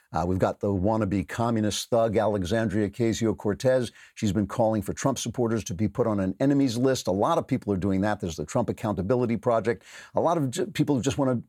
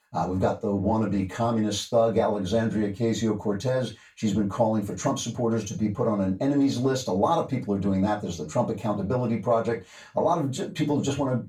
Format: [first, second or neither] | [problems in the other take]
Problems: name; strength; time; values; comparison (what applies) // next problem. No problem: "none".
first | room echo; slight; dies away in 0.2 s // off-mic speech; far